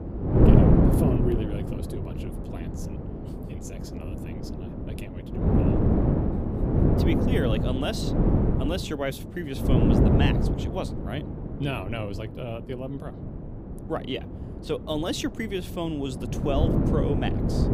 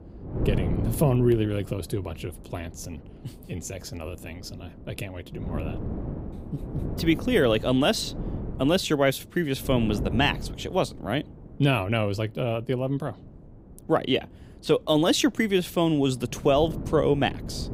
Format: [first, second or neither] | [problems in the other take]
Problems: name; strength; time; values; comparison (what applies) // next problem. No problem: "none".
second | wind noise on the microphone; heavy; 2 dB above the speech; occasional gusts in the second